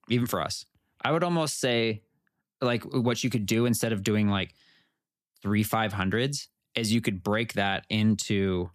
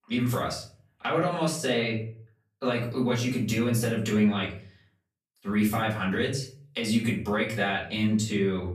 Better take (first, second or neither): first